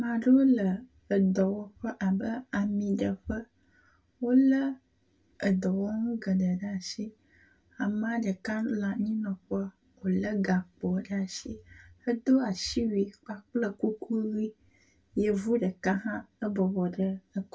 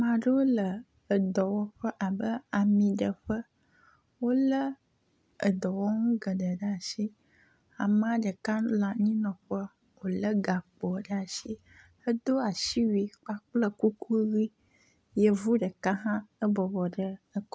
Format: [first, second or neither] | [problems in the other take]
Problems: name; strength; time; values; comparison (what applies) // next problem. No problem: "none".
second | room echo; dies away in 0.1 s